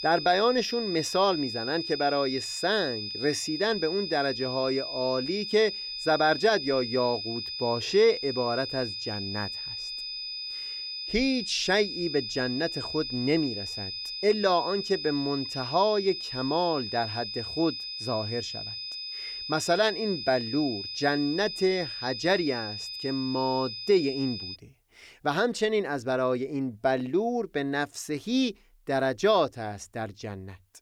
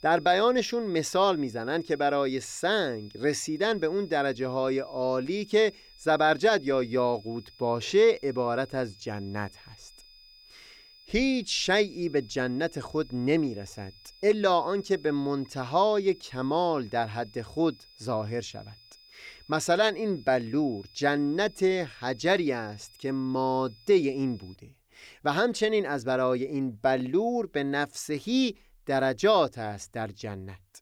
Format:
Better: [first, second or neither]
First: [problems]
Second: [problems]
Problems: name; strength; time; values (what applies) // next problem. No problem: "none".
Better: second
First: high-pitched whine; loud; until 25 s; 5 kHz, 6 dB below the speech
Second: high-pitched whine; faint; until 25 s; 5 kHz, 25 dB below the speech